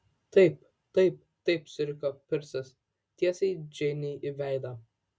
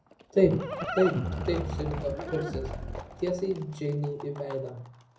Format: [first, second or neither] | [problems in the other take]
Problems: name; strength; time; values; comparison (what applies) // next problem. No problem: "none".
first | background sound (Livestock, farm animals, working animals); 6 dB below the speech // room echo; dies away in 0.5 s